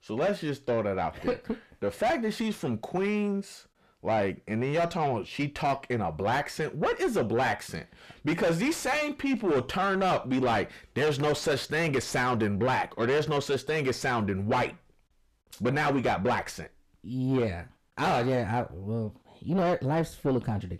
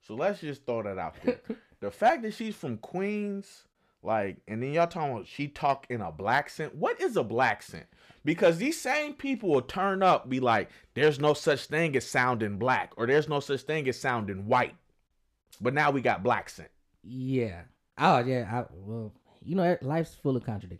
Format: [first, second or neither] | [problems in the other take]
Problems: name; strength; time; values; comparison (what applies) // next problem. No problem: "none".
second | distortion; heavy; 5 dB below the speech